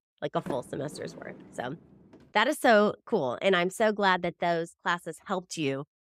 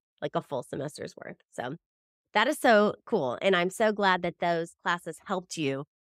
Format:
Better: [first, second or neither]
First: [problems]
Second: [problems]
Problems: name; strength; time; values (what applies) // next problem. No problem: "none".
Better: second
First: door banging; faint; at 0.5 s; peak 10 dB below the speech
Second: none